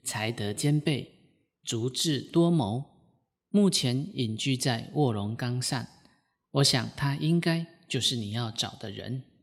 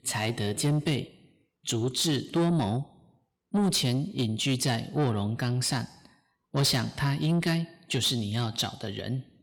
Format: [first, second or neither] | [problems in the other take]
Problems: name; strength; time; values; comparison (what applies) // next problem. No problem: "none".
first | distortion; slight; 10 dB below the speech